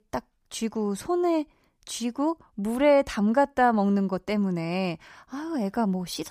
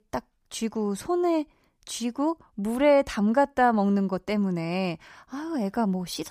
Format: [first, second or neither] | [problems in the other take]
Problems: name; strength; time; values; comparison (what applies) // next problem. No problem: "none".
neither | none